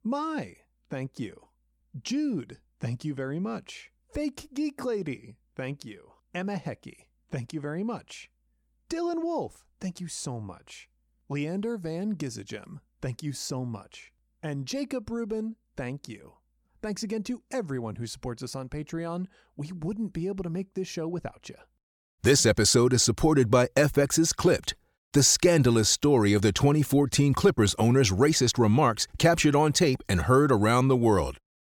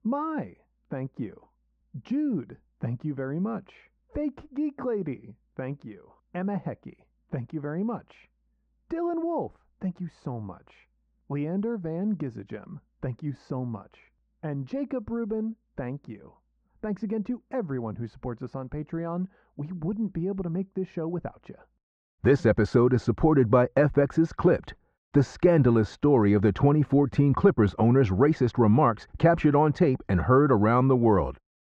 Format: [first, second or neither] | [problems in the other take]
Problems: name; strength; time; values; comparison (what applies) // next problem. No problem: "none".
first | muffled; very; fading above 1.5 kHz